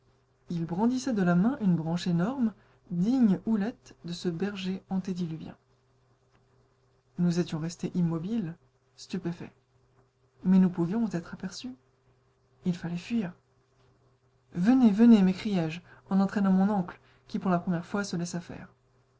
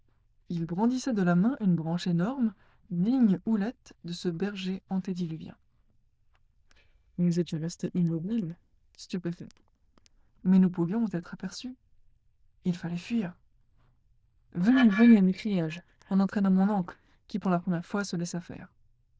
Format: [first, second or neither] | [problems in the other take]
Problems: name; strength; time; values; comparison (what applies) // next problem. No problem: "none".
first | noise reduction (neural diffusion model UNIVERSE++)